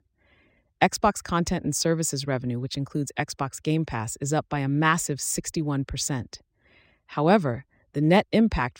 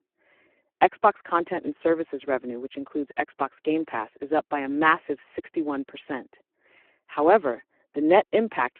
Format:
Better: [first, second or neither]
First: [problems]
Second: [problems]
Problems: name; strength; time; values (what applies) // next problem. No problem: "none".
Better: first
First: none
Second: phone-call audio; poor line